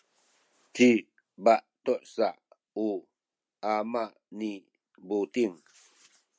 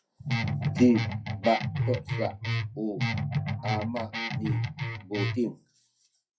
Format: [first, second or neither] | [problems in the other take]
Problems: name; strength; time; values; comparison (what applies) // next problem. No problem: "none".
first | noise reduction (classical method WPE with log-MMSE)